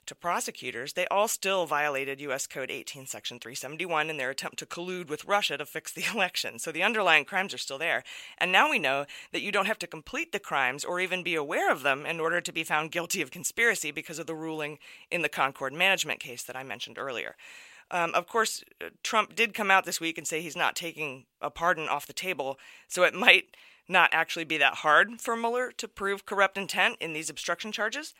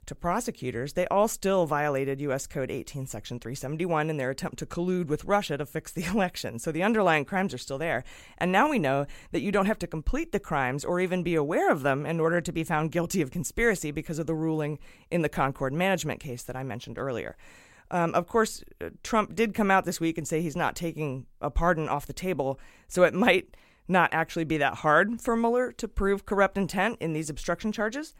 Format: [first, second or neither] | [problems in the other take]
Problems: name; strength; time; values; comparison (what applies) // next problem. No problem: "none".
second | thin; somewhat; fading below 1 kHz